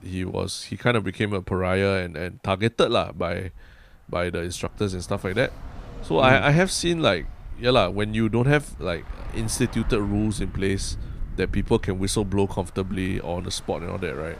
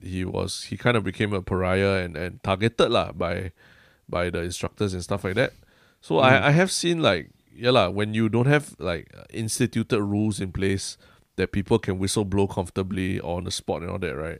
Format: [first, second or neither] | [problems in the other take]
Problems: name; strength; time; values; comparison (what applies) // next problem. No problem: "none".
second | traffic noise; noticeable; throughout; 15 dB below the speech